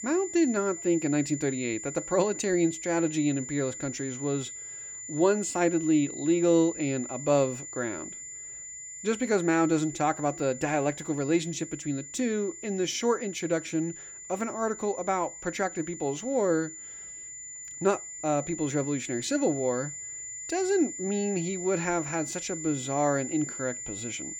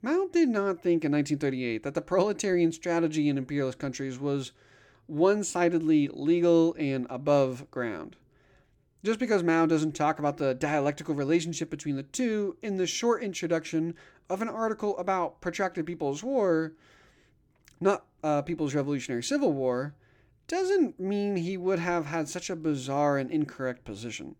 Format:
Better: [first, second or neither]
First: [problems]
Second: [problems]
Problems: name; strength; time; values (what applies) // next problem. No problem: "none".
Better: second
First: high-pitched whine; loud; throughout; 7 kHz, 9 dB below the speech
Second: none